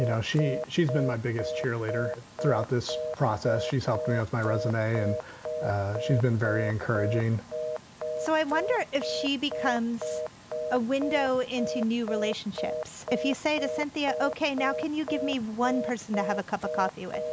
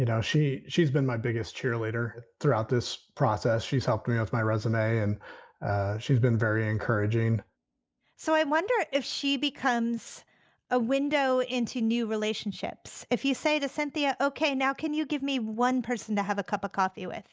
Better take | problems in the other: second | background sound (Telephone); 6 dB below the speech

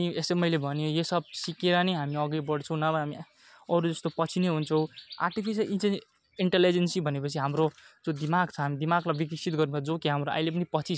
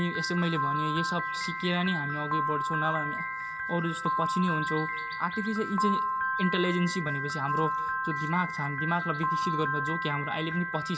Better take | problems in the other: first | background sound (Piano); as loud as the speech // room echo; dies away in 0.3 s

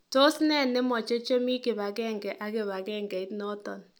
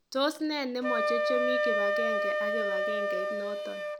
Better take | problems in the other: first | background sound (Wind instrument, woodwind instrument); 4 dB above the speech

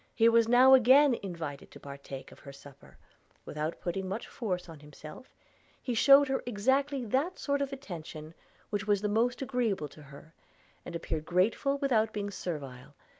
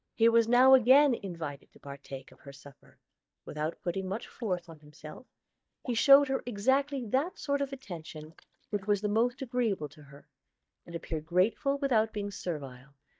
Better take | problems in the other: first | noise reduction (neural mask model DeepFilterNet 3)

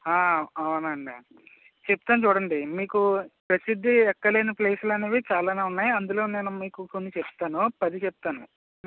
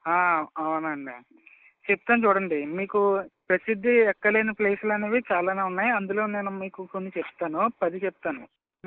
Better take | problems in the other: first | noise reduction (neural mask model Resemble Enhance denoiser)

